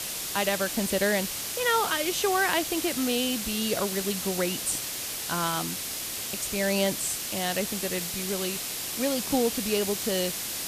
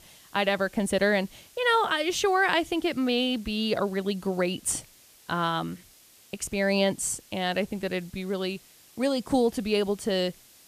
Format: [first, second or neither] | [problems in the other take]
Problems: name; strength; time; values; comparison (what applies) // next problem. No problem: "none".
second | hiss; loud; throughout; 2 dB below the speech; faint in the second